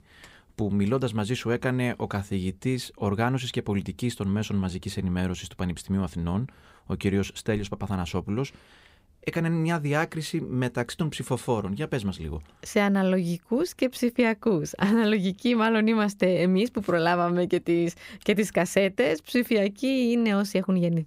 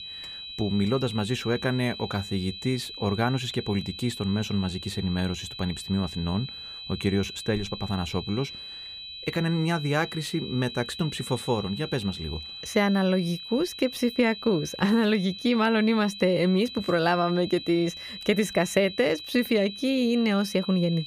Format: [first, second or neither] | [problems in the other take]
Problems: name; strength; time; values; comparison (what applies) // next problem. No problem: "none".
first | high-pitched whine; noticeable; throughout; 4 kHz, 10 dB below the speech